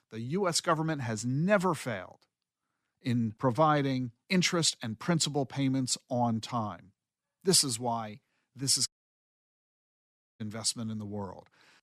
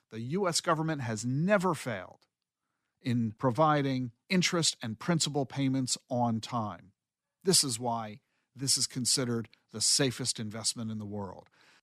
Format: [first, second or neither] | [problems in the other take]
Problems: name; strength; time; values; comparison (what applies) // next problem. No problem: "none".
second | audio cutting out; at 9 s for 1.5 s